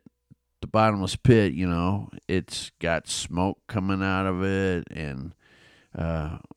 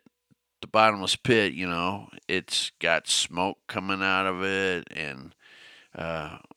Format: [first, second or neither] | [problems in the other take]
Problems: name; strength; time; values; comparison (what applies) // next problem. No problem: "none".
first | thin; somewhat; fading below 700 Hz